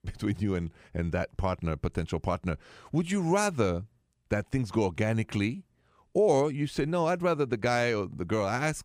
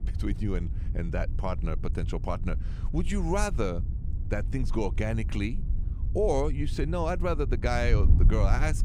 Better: first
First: none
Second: wind noise on the microphone; occasional gusts; 15 dB below the speech

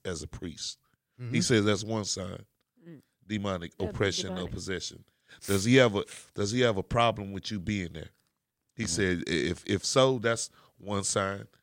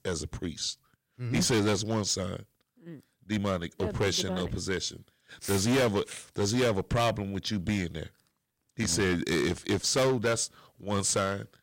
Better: first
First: none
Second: distortion; heavy; 9% of the sound clipped

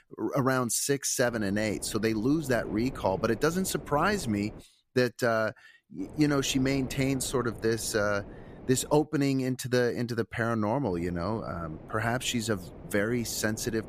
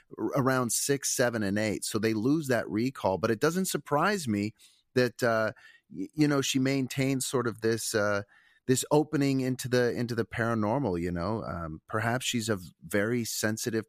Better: second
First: wind noise on the microphone; occasional gusts; from 1.5 to 4.5 s, from 6 to 9 s and from 11 s on; 20 dB below the speech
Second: none

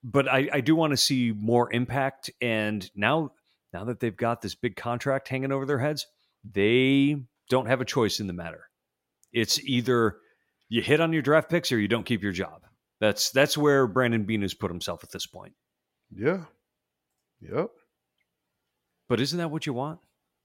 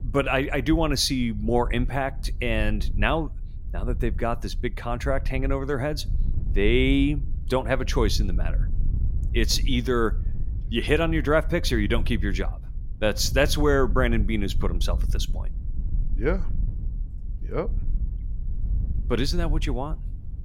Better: first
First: none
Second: wind noise on the microphone; occasional gusts; 20 dB below the speech

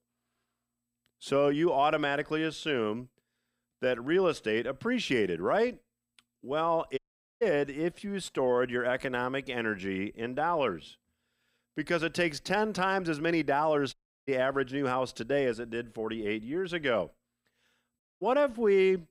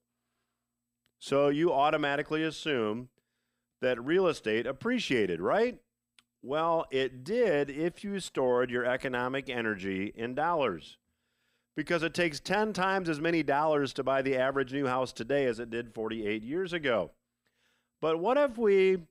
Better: second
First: audio cutting out; at 7 s, at 14 s and at 18 s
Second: none

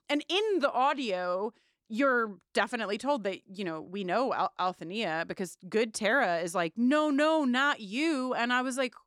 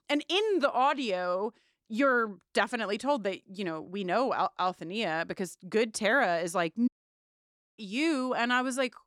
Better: first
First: none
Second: audio cutting out; at 7 s for 1 s

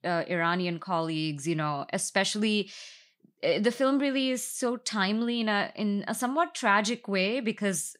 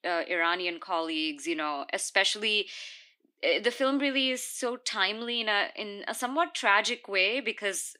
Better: first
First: none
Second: thin; somewhat; fading below 300 Hz

